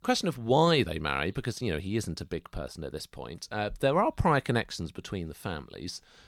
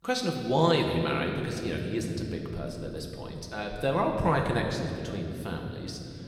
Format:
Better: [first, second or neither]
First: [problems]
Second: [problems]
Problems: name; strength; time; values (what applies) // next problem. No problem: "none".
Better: first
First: none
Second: room echo; noticeable; dies away in 2.8 s // off-mic speech; somewhat distant